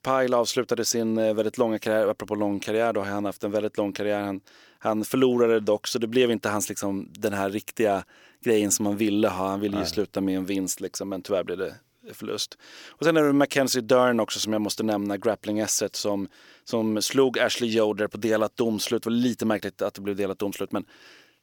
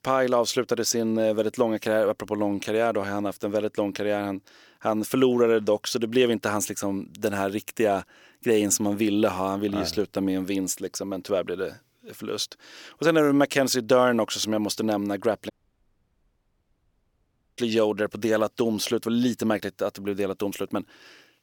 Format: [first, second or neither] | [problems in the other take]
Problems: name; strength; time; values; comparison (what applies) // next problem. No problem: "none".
first | audio cutting out; at 16 s for 2 s